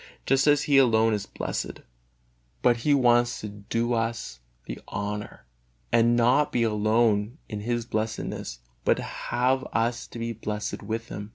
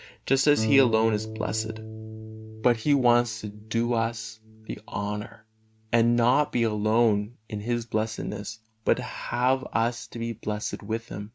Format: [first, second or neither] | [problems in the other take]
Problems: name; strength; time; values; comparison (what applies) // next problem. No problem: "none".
first | noise reduction (neural mask model RNNoise)